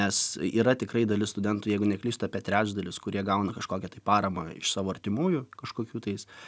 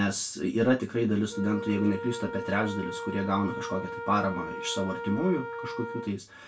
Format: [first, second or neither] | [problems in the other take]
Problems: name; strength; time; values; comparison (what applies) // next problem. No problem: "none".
first | background sound (Wind instrument, woodwind instrument); 9 dB below the speech // room echo; dies away in 0.2 s